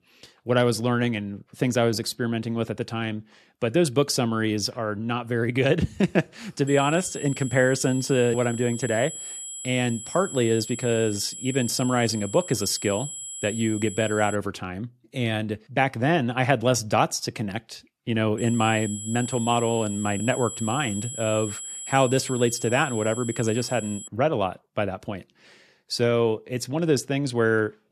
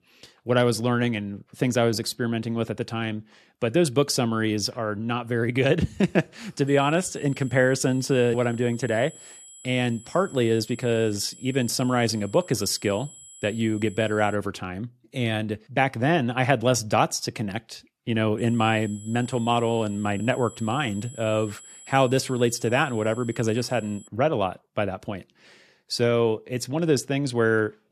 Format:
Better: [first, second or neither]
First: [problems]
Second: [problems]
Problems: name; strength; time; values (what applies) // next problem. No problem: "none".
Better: second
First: high-pitched whine; loud; from 6.5 to 14 s and from 18 to 24 s; 7.5 kHz, 10 dB below the speech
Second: high-pitched whine; faint; from 6.5 to 14 s and from 18 to 24 s; 7.5 kHz, 20 dB below the speech